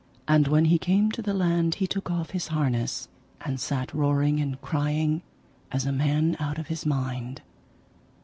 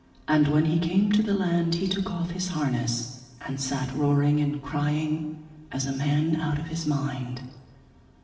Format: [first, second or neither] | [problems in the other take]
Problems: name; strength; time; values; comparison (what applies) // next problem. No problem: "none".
first | room echo; dies away in 1.1 s